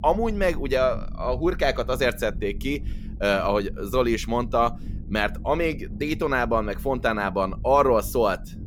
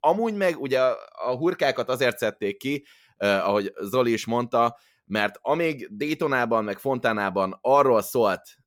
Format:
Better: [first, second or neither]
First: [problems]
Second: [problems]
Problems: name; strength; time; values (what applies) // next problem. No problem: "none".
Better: second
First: low rumble; faint; throughout; 25 dB below the speech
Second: none